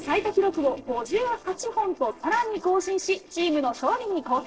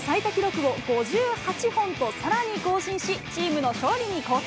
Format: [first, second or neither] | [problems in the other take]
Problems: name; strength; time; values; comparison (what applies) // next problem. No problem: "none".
second | noise reduction (neural separator model SepFormer DNS4)